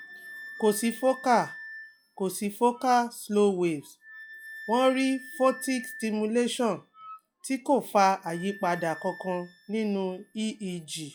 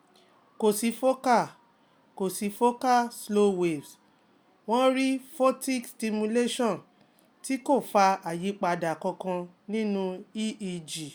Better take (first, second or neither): second